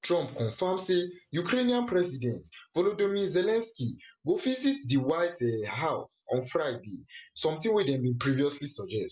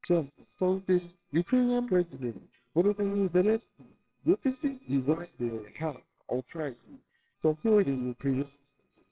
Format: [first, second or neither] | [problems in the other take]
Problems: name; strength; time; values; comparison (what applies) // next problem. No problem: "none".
first | noise reduction (neural separator model SepFormer WHAMR!)